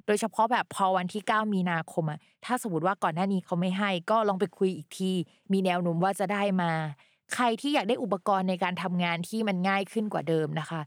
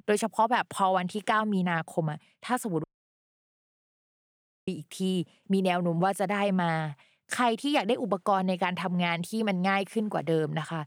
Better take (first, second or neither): first